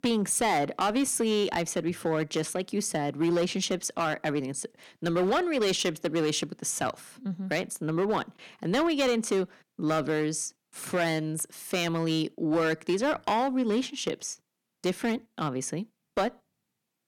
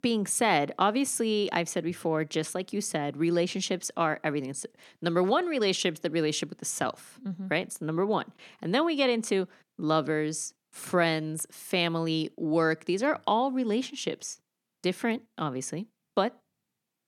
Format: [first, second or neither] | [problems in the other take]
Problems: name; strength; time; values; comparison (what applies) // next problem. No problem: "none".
second | distortion; slight; 6% of the sound clipped